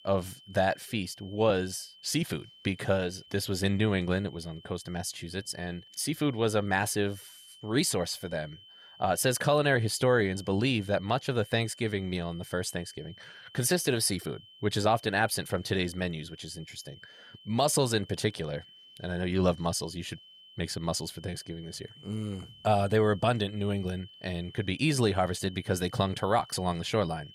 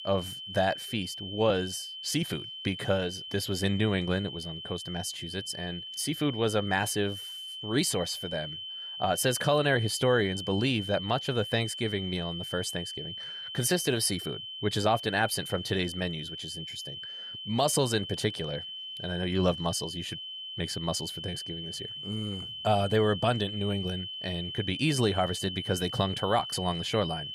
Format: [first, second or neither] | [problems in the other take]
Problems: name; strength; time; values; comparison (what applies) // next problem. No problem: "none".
first | high-pitched whine; loud; throughout; 3 kHz, 7 dB below the speech; faint in the first